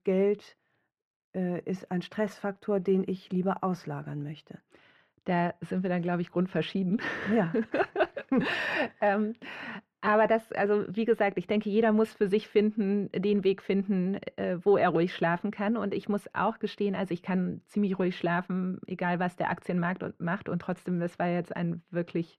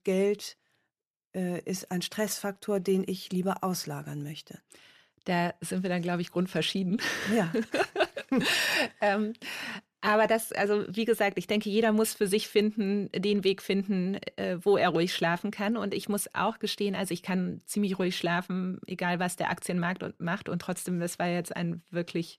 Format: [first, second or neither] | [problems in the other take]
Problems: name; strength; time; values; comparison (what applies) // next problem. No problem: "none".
second | muffled; very; fading above 4 kHz